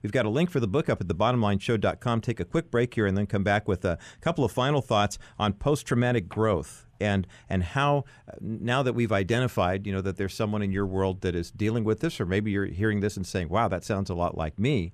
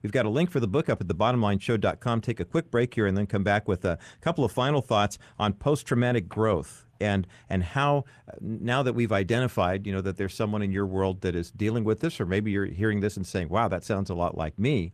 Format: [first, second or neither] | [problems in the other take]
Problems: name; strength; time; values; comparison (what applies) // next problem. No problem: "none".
first | garbled, watery; slightly; nothing above 14.5 kHz